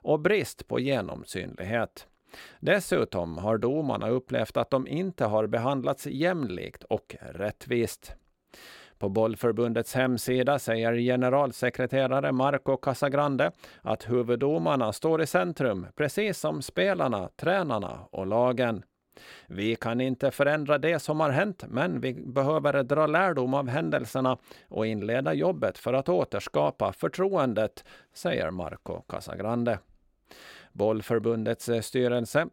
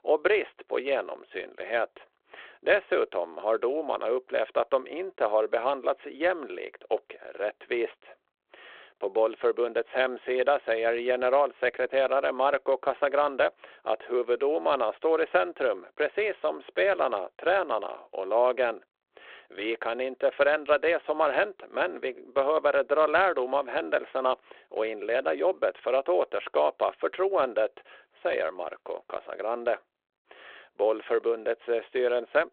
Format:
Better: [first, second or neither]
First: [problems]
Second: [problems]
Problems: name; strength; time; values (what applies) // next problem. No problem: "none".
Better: first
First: none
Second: phone-call audio